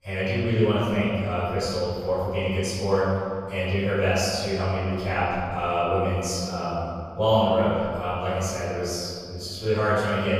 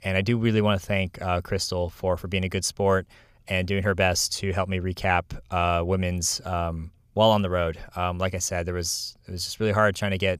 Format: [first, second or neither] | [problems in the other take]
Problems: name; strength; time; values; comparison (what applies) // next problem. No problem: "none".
second | off-mic speech; far // room echo; strong; dies away in 2 s